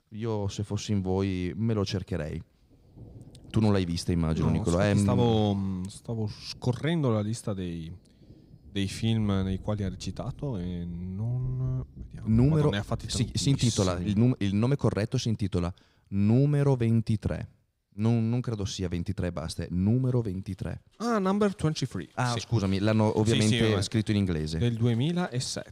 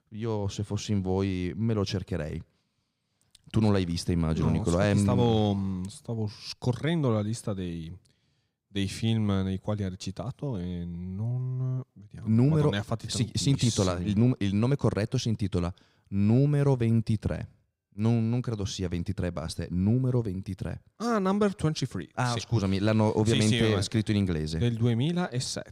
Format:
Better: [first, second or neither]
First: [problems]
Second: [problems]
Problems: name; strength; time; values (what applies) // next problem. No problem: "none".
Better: second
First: rain or running water; faint; throughout; 20 dB below the speech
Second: none